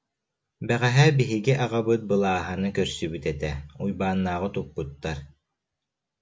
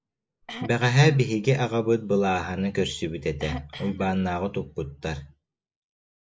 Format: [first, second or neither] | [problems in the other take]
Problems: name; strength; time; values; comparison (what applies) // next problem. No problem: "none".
first | noise reduction (neural mask model Resemble Enhance denoiser)